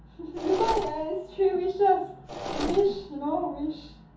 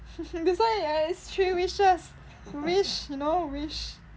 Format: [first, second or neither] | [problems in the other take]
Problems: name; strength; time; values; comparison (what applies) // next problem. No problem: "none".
second | background sound (Mechanisms); 8 dB below the speech // room echo; dies away in 0.5 s